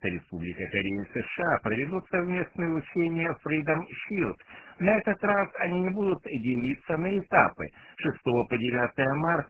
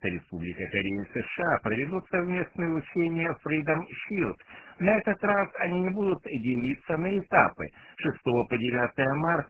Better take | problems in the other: neither | garbled, watery; badly; nothing above 3 kHz; the same in both

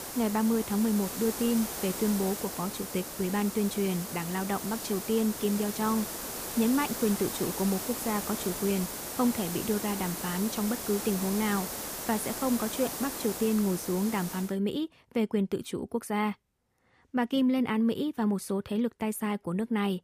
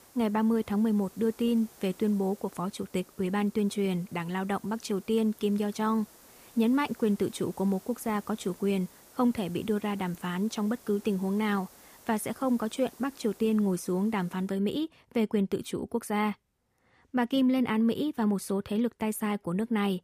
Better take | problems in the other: second | hiss; loud; until 14 s; 5 dB below the speech; faint in the second

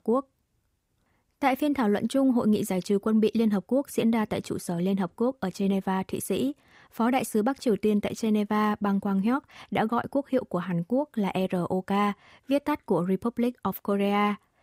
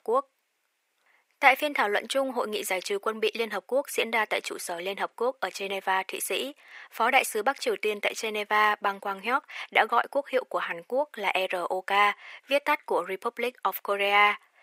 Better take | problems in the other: first | thin; very; fading below 500 Hz

